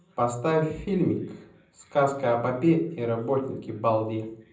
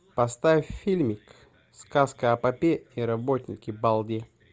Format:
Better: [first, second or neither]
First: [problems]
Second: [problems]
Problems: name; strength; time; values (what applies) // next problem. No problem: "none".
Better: second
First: room echo; dies away in 0.6 s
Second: none